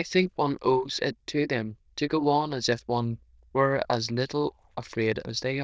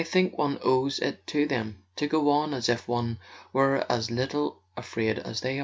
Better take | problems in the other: second | noise reduction (neural diffusion model UNIVERSE++)

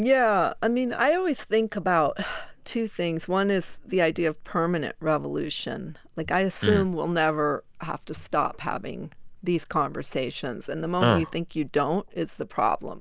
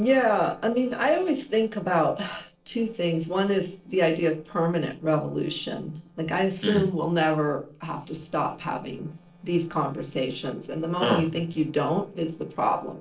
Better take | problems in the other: first | noise reduction (neural separator model SepFormer DNS4)

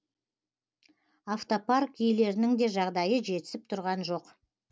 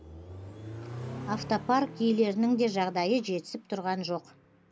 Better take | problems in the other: first | background sound (Accelerating, revving, vroom); 14 dB below the speech

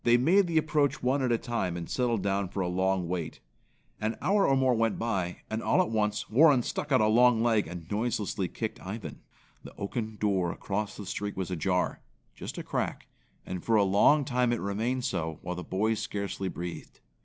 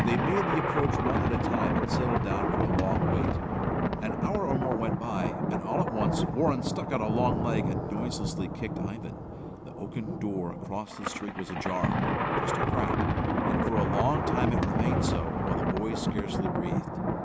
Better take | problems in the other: first | background sound (Thunder); 5 dB above the speech

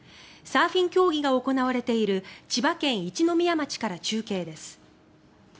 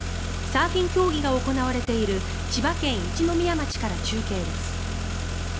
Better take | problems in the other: first | background sound (Car); 1 dB below the speech

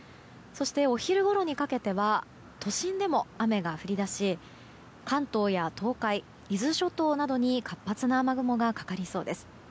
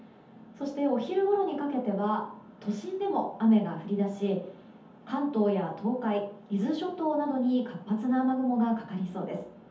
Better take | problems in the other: first | room echo; dies away in 0.6 s

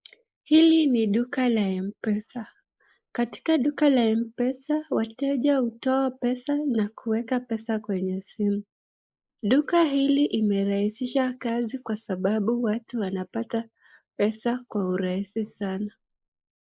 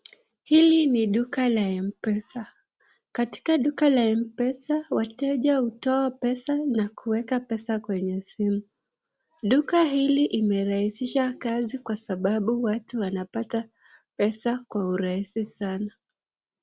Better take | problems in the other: second | noise reduction (neural mask model Resemble Enhance denoiser)

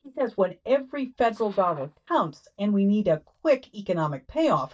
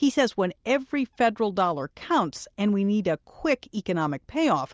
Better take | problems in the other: second | noise reduction (neural mask model DeepFilterNet 3)

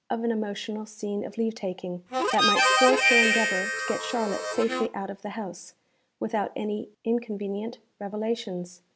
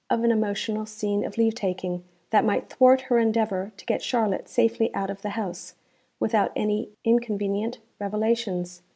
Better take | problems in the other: second | background sound (Harmonica); 4 dB above the speech

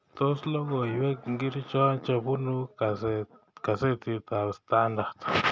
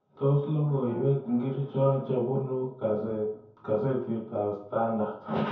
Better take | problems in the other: first | room echo; dies away in 0.6 s

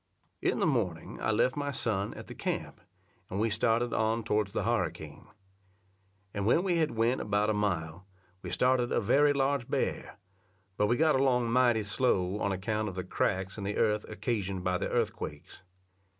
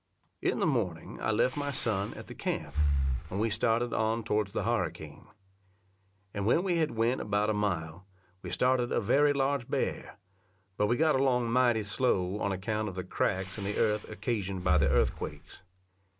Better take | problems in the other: first | background sound (Breathing); 3 dB below the speech

